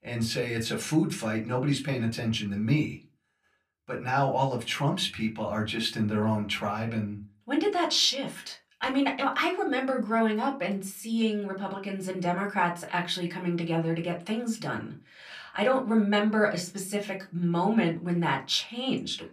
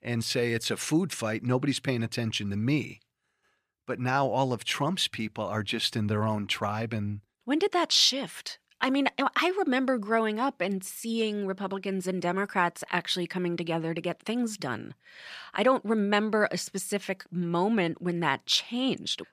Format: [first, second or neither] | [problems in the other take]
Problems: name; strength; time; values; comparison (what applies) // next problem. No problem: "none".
second | off-mic speech; far // room echo; very slight; dies away in 0.2 s